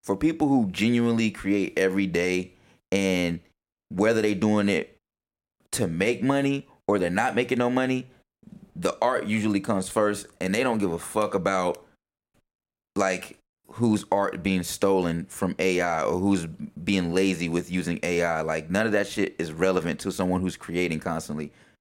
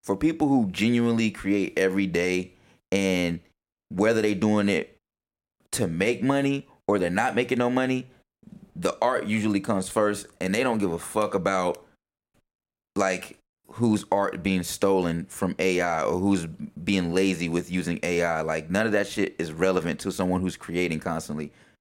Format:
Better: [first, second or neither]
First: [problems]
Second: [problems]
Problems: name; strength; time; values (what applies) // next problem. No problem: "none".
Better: neither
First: none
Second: none